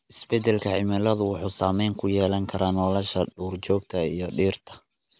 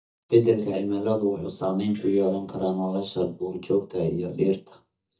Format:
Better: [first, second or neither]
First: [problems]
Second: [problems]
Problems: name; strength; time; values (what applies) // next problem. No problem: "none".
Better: first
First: none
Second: noise reduction (neural mask model DeepFilterNet 3)